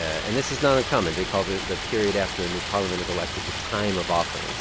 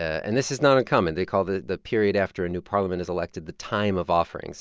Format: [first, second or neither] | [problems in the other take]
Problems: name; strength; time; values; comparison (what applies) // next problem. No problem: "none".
second | background sound (Stream); 5 dB below the speech